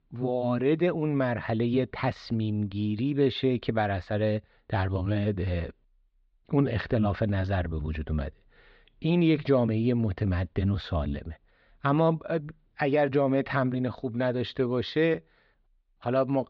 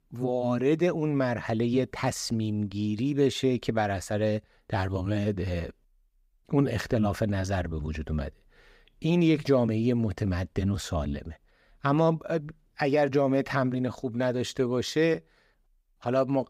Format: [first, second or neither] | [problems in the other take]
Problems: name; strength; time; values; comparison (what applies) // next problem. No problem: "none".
second | muffled; slightly; fading above 4 kHz